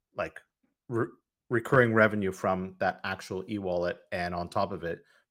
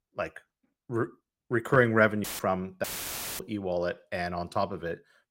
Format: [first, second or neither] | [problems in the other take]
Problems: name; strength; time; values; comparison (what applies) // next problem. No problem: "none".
first | audio cutting out; filled with static; at 2 s and at 3 s for 0.5 s